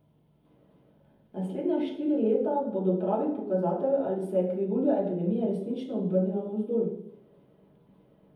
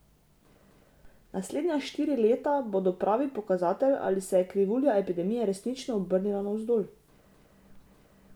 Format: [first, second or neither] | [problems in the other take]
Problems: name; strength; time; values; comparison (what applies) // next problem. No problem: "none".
second | room echo; dies away in 0.8 s